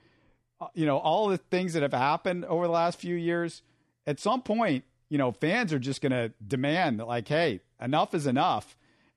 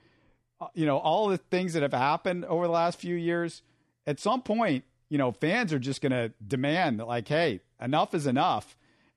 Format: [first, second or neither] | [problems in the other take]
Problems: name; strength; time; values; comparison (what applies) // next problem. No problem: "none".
neither | none